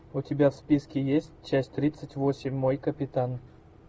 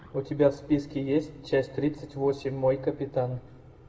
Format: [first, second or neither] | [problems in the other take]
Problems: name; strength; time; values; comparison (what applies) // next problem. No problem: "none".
first | room echo; dies away in 0.7 s